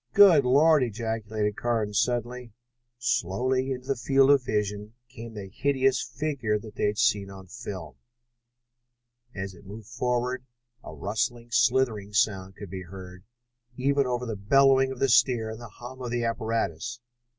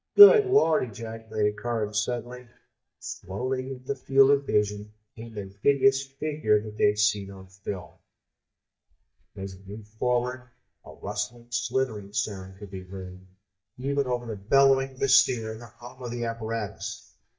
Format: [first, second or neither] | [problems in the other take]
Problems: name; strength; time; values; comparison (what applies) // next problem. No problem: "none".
first | noise reduction (neural mask model DeepFilterNet 3)